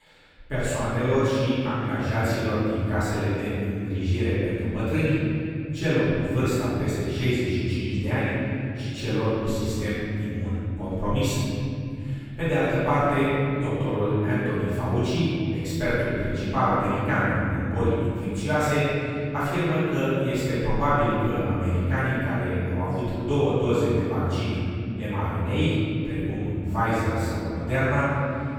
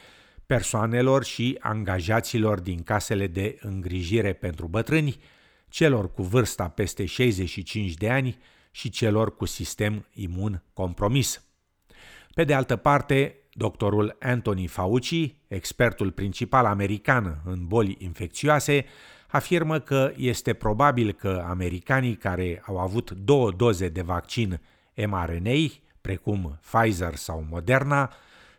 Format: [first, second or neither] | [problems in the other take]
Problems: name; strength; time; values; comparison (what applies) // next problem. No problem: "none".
second | room echo; strong; dies away in 3 s // off-mic speech; far